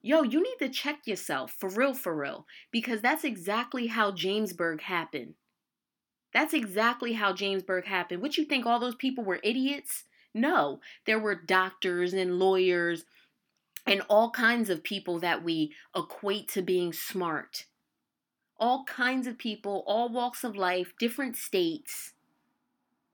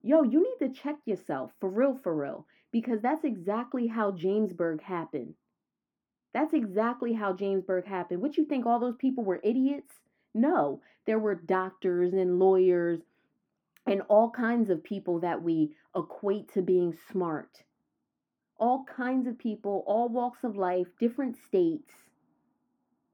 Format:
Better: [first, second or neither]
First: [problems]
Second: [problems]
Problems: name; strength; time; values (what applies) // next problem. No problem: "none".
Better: first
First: none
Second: muffled; very; fading above 1.5 kHz